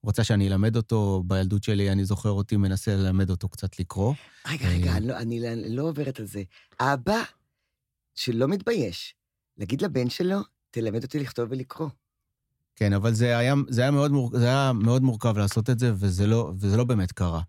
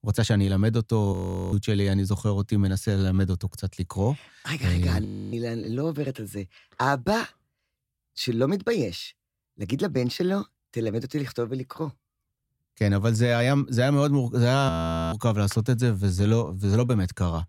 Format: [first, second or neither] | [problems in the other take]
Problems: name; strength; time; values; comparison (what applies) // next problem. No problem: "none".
first | audio freezing; at 1 s, at 5 s and at 15 s